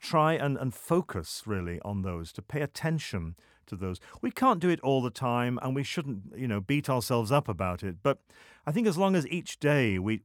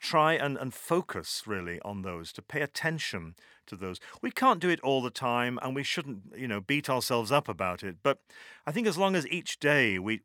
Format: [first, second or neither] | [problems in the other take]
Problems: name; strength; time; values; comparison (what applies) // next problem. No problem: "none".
first | thin; very slightly; fading below 600 Hz